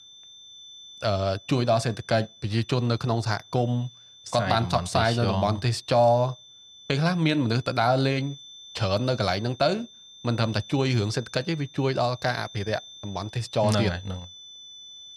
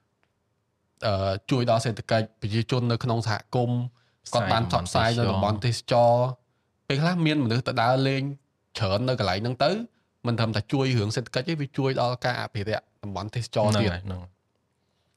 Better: second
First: high-pitched whine; noticeable; throughout; 3.5 kHz, 20 dB below the speech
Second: none

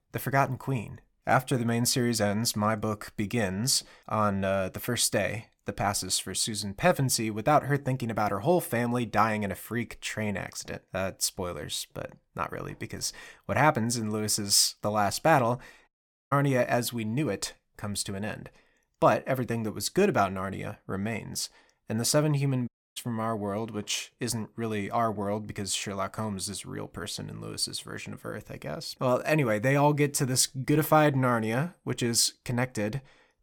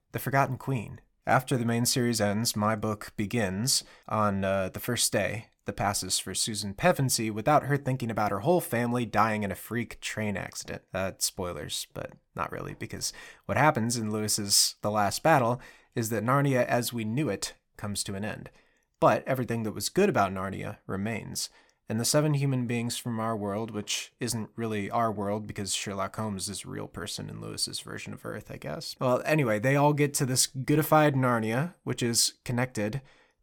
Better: second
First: audio cutting out; at 16 s and at 23 s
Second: none

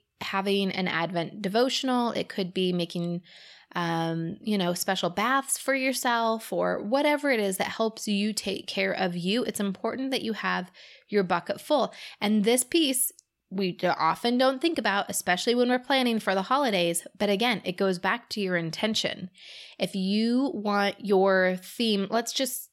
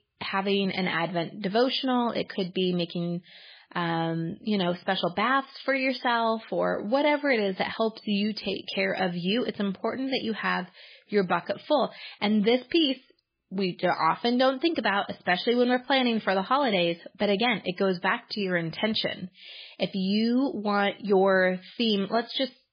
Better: first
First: none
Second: garbled, watery; badly; nothing above 5 kHz

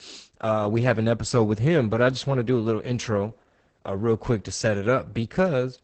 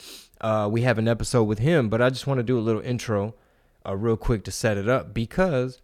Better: second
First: garbled, watery; badly; nothing above 8 kHz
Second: none

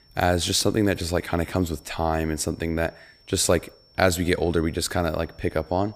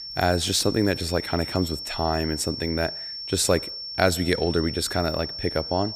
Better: first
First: high-pitched whine; faint; throughout; 5.5 kHz, 30 dB below the speech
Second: high-pitched whine; loud; throughout; 5.5 kHz, 7 dB below the speech

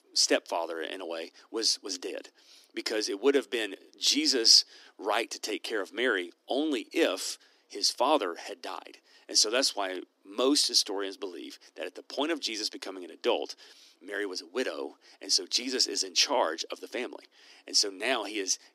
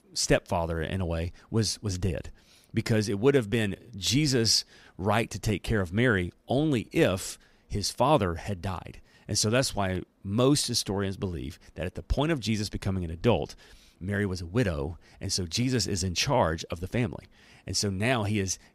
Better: second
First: thin; somewhat; fading below 250 Hz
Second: none

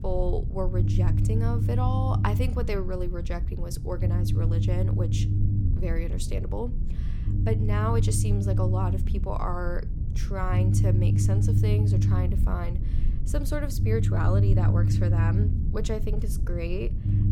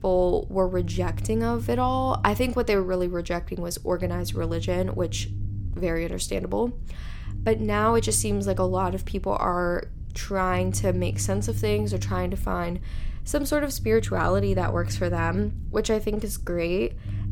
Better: second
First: low rumble; loud; throughout; 4 dB below the speech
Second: low rumble; faint; throughout; 20 dB below the speech

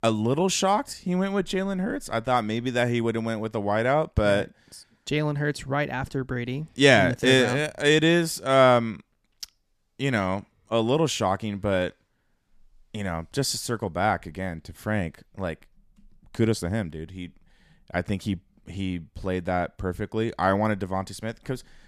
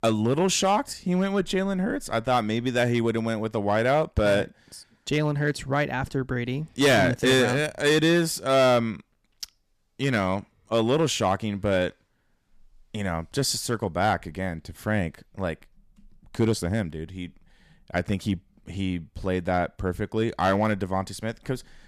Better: first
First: none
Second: distortion; slight; 3% of the sound clipped

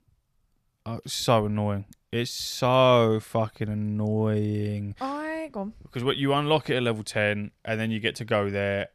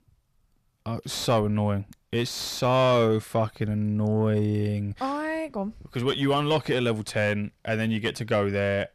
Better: first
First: none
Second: distortion; slight; 10 dB below the speech

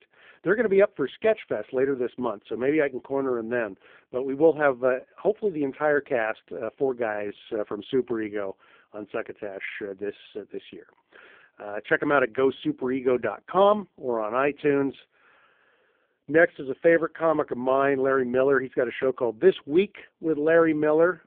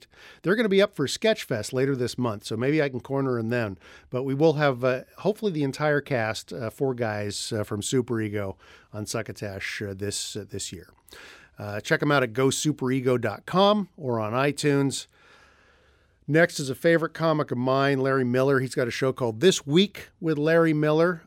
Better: second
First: phone-call audio; poor line; nothing above 3.5 kHz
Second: none

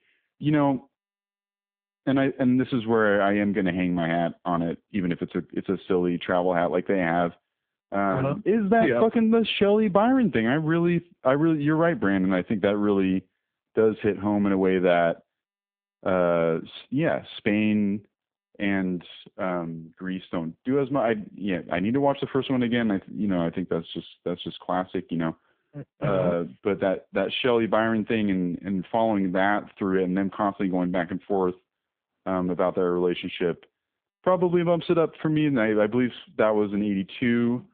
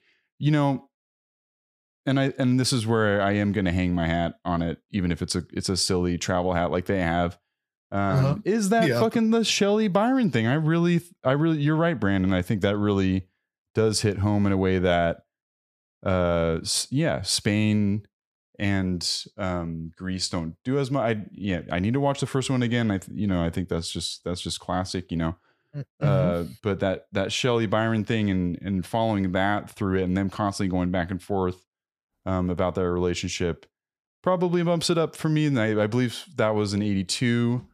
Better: second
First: phone-call audio; poor line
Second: none

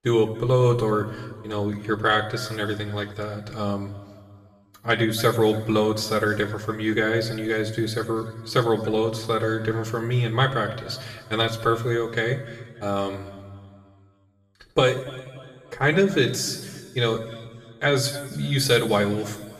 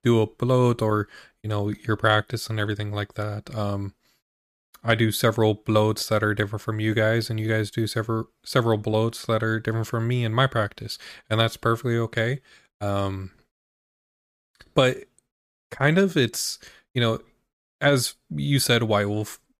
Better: second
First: room echo; noticeable; dies away in 1.5 s // off-mic speech; somewhat distant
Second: none

